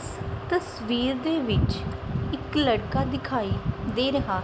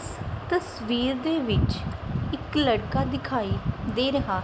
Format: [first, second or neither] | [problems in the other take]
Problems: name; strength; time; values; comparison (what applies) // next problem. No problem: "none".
second | background sound (Keyboard (musical)); 17 dB below the speech